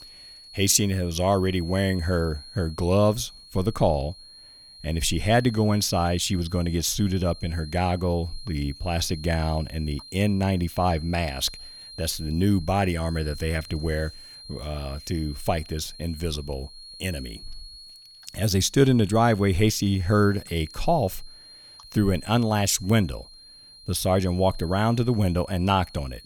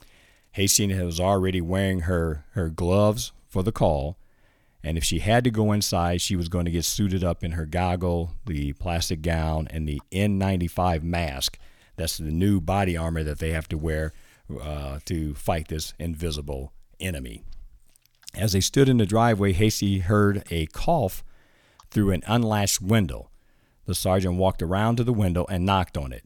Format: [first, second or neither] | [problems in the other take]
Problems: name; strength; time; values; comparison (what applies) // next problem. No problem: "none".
second | high-pitched whine; noticeable; throughout; 4 kHz, 20 dB below the speech